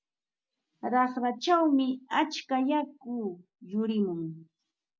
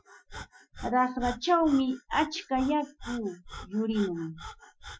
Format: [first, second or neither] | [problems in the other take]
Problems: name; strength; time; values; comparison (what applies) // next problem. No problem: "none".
first | noise reduction (classical method Wiener filter)